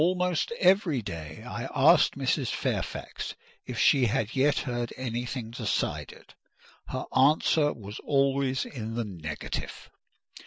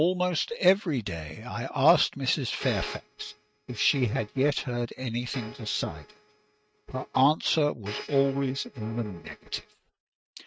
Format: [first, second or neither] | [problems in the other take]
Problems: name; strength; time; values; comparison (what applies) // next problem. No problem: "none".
first | noise reduction (neural mask model RNNoise)